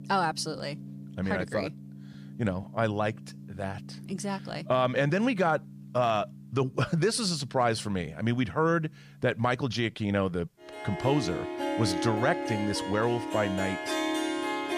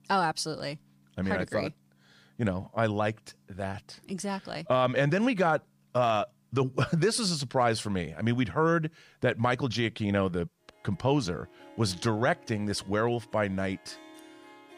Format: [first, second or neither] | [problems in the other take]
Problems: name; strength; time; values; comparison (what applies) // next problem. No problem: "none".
second | background music; loud; throughout; 7 dB below the speech; faint in the second